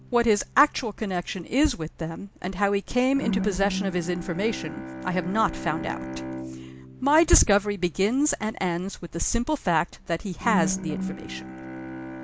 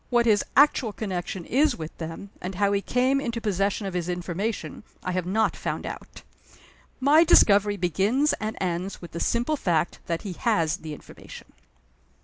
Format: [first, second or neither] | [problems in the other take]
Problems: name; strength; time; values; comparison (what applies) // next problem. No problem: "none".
second | background sound (Bowed string instrument); 10 dB below the speech